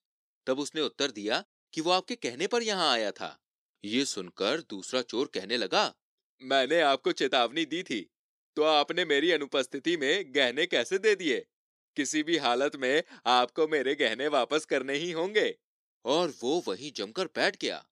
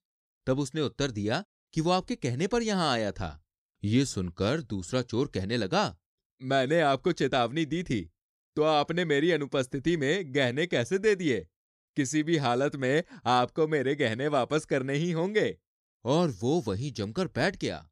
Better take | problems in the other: second | thin; somewhat; fading below 300 Hz

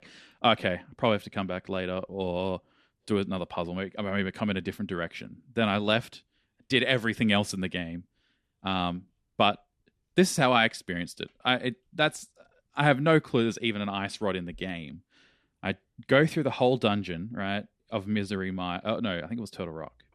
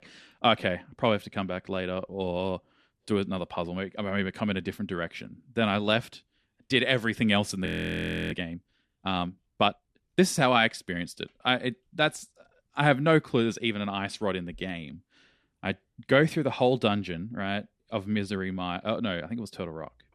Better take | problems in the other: first | audio freezing; at 7.5 s for 0.5 s

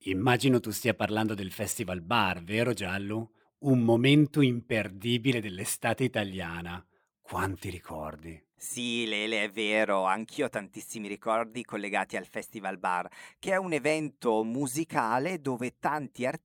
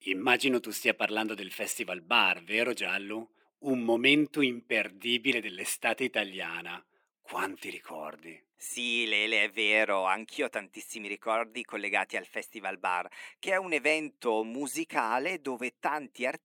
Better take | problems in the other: first | thin; very slightly; fading below 250 Hz

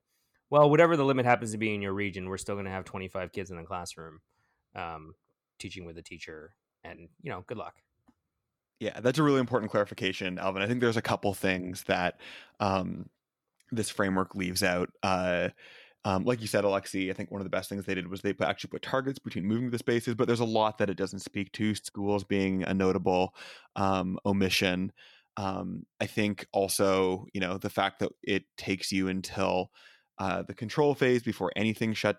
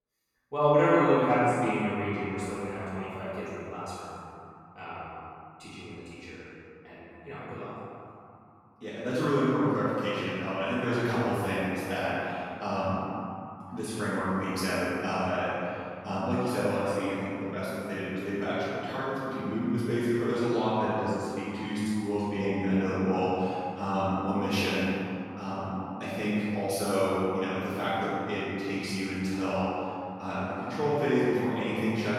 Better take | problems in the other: first | room echo; strong; dies away in 2.6 s // off-mic speech; far

